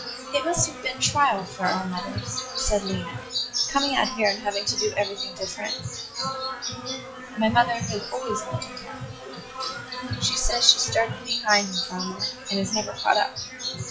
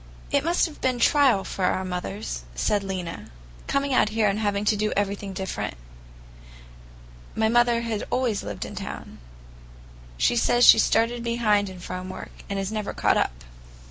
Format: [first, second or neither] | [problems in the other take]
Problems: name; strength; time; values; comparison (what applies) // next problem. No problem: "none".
second | noise reduction (classical method log-MMSE)